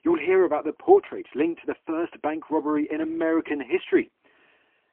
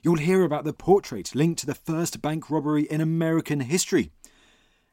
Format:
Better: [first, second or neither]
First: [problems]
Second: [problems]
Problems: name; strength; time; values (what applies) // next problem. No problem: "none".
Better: second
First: phone-call audio; poor line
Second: none